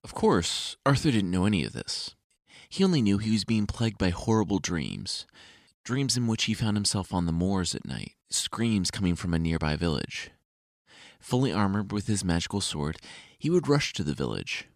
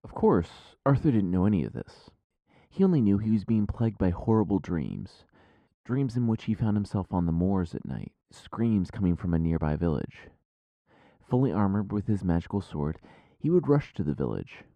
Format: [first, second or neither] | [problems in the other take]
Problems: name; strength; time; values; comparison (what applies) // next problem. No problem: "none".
first | muffled; very; fading above 2 kHz